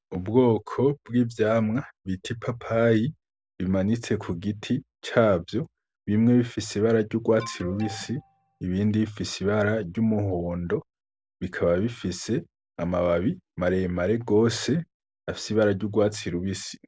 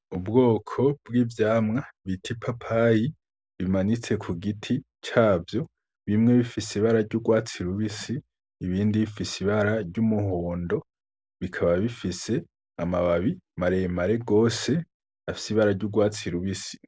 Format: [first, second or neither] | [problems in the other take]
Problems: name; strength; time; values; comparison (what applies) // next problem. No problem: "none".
second | background sound (Alarm); 17 dB below the speech